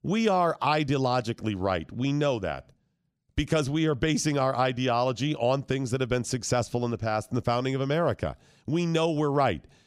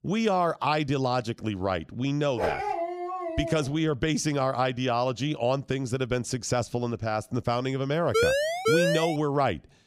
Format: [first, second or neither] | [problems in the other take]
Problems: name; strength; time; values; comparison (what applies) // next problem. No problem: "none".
first | dog barking; noticeable; from 2.5 to 3.5 s; peak 1 dB below the speech // siren; loud; from 8 to 9 s; peak 4 dB above the speech